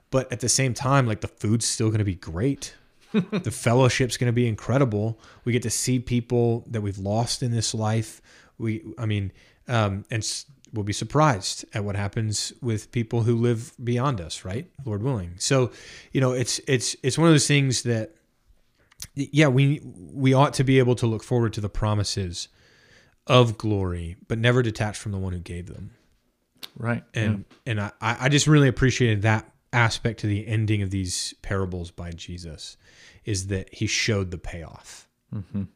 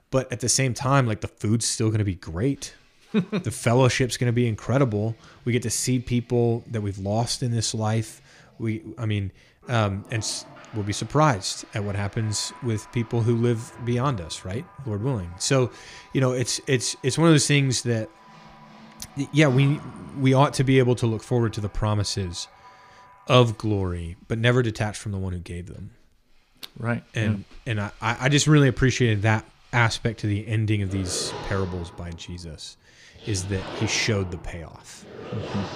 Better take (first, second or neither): first